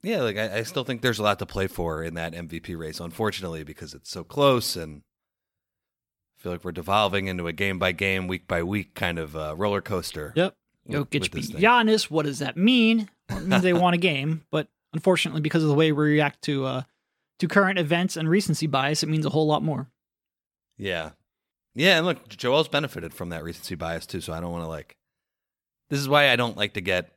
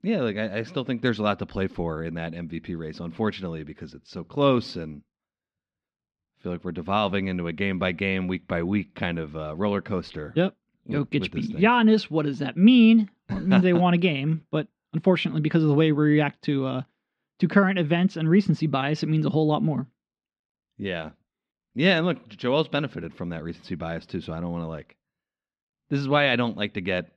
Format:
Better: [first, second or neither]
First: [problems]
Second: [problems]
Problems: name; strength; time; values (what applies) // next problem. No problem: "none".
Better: first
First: none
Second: muffled; very slightly; fading above 4 kHz